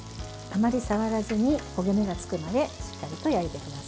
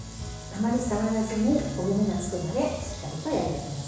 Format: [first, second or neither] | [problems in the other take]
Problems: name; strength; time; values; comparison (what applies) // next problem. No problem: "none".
first | room echo; dies away in 1.1 s